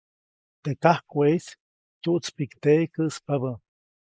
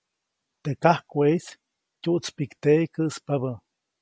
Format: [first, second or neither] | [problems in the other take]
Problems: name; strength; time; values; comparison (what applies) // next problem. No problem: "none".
second | noise reduction (neural mask model Resemble Enhance denoiser)